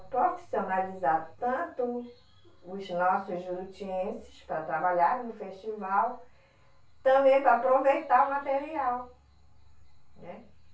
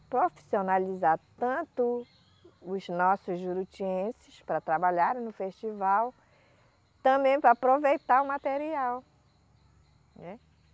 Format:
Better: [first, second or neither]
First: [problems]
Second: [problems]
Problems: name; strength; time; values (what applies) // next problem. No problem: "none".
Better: second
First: room echo; dies away in 0.3 s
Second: none